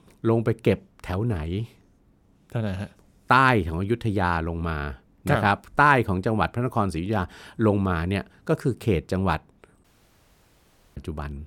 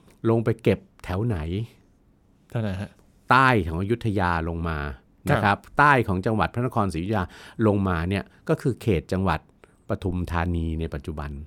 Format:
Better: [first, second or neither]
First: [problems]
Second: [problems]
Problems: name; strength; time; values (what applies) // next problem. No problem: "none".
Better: second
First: audio cutting out; at 10 s for 1 s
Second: none